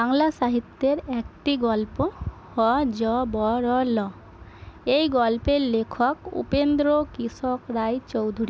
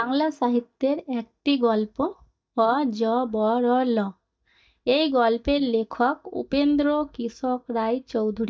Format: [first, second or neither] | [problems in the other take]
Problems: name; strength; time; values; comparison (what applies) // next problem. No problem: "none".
first | noise reduction (neural mask model DeepFilterNet 3)